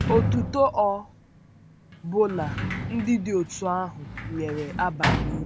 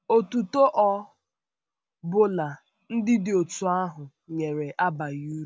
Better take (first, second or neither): second